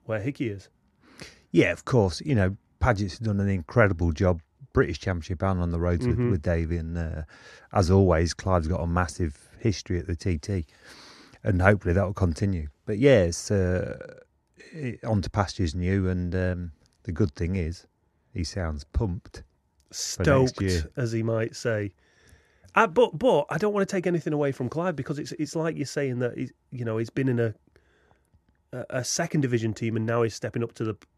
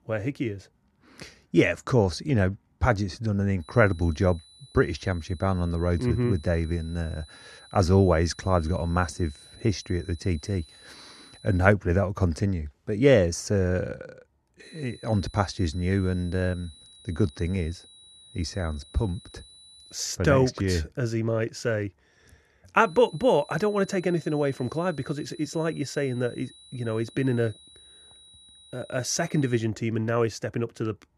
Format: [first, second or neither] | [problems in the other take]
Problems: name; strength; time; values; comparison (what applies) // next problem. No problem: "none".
first | high-pitched whine; faint; from 3.5 to 12 s, from 15 to 20 s and from 23 to 30 s; 4 kHz, 25 dB below the speech